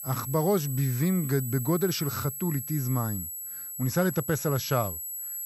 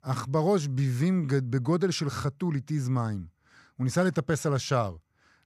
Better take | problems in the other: second | high-pitched whine; loud; throughout; 11.5 kHz, 6 dB below the speech

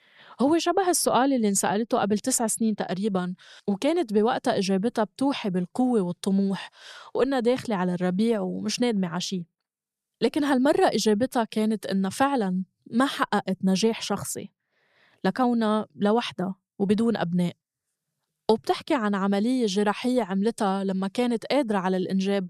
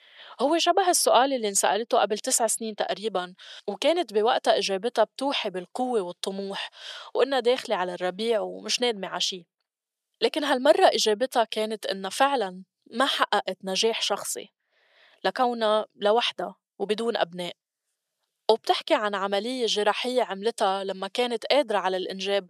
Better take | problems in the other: first | thin; somewhat; fading below 450 Hz

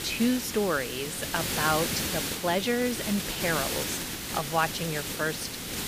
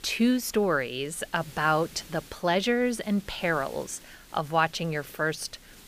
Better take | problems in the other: second | hiss; loud; throughout; 1 dB below the speech; faint in the second

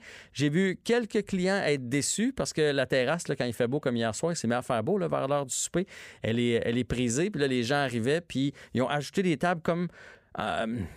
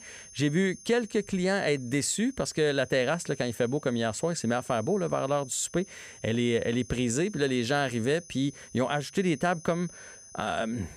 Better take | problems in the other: first | high-pitched whine; noticeable; throughout; 6 kHz, 20 dB below the speech

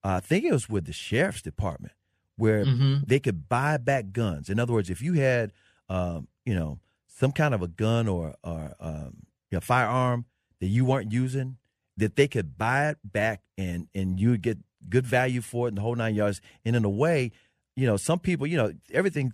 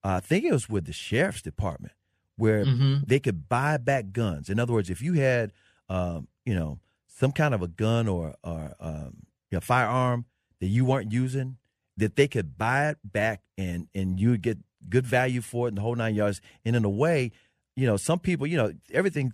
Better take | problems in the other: neither | none

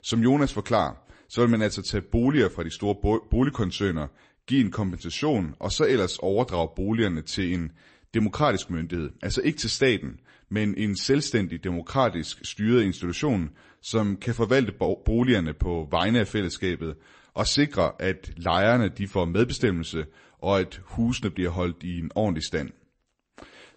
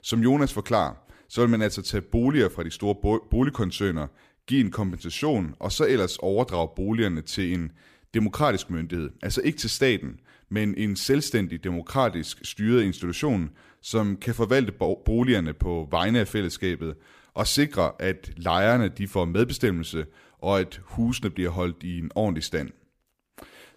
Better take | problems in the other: second | garbled, watery; slightly; nothing above 8 kHz

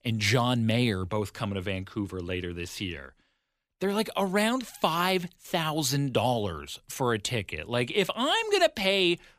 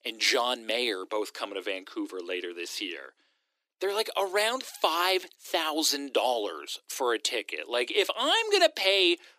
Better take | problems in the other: first | thin; very; fading below 300 Hz

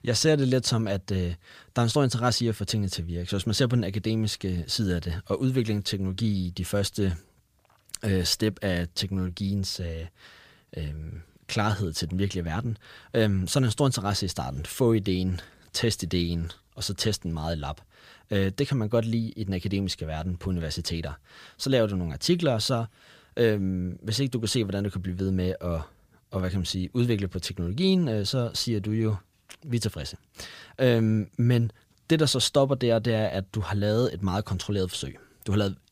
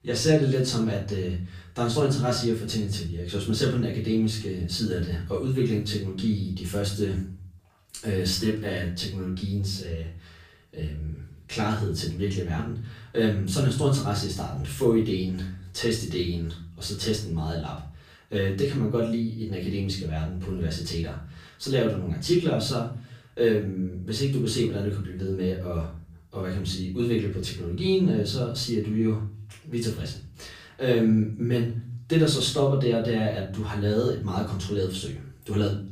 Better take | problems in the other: first | off-mic speech; far // room echo; slight; dies away in 0.4 s

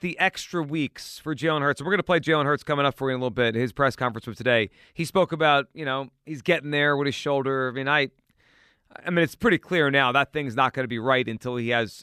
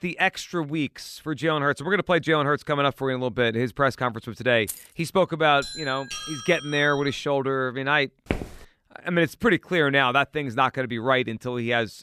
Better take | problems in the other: first | jangling keys; faint; at 4.5 s; peak 10 dB below the speech // doorbell; noticeable; from 5.5 to 7 s; peak 9 dB below the speech // footsteps; noticeable; at 8.5 s; peak 8 dB below the speech

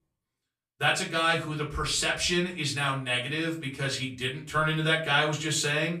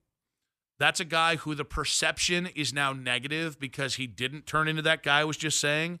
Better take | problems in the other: second | off-mic speech; far // room echo; very slight; dies away in 0.3 s

